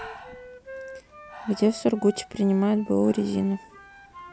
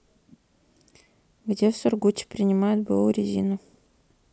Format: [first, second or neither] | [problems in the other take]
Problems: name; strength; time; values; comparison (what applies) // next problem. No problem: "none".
second | background sound (Breathing + Wind instrument, woodwind instrument); 17 dB below the speech